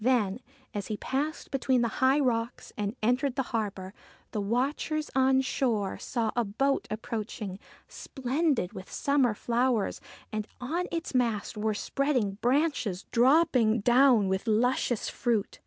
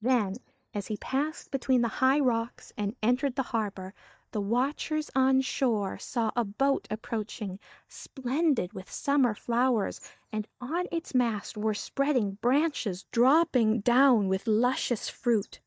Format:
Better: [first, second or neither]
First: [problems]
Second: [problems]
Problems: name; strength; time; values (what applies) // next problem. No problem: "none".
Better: first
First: none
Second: noise reduction (neural mask model DeepFilterNet 3)